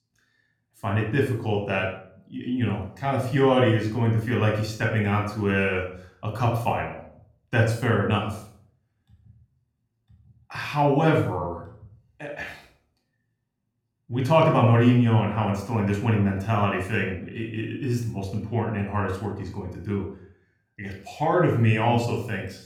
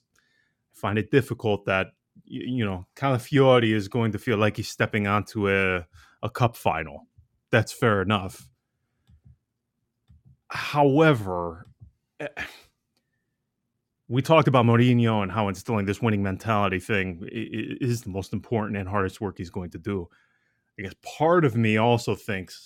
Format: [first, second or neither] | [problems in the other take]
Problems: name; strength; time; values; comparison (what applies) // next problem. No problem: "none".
second | off-mic speech; somewhat distant // room echo; slight; dies away in 0.5 s